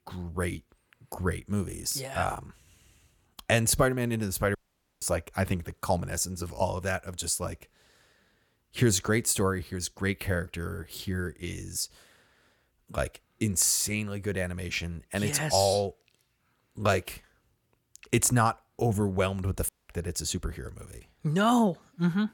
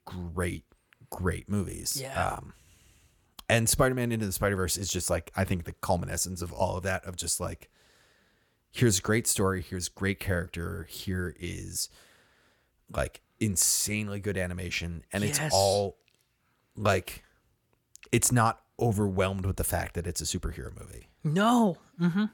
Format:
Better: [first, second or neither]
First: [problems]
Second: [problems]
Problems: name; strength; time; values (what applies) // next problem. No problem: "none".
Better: second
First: audio cutting out; at 4.5 s and at 20 s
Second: none